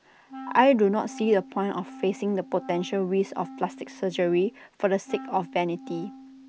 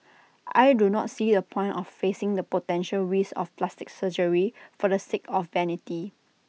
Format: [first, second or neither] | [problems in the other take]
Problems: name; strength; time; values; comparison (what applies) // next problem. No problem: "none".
second | background sound (Wind instrument, woodwind instrument); 17 dB below the speech